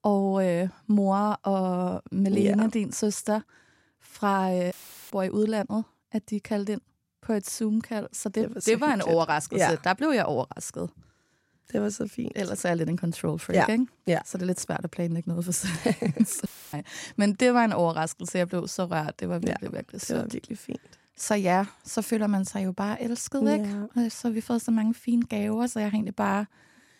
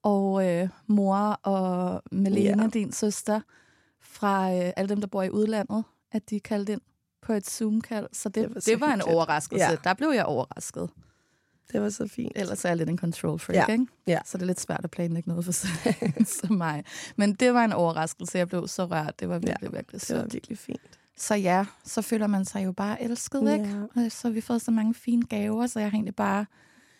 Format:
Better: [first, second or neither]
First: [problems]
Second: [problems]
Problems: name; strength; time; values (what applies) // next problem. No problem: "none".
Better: second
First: audio cutting out; filled with static; at 4.5 s and at 16 s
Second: none